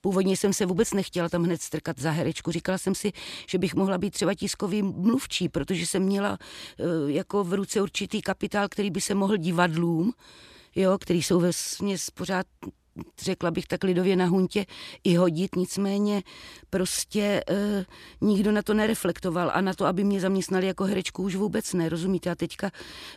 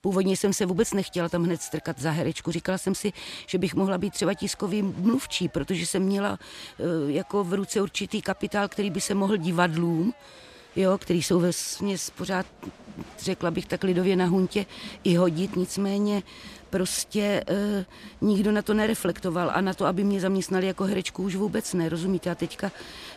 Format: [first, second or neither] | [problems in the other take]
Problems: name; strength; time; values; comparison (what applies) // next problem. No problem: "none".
first | crowd noise; faint; throughout; 25 dB below the speech